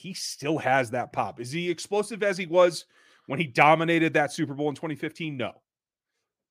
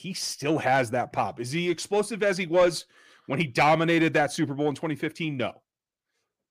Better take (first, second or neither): first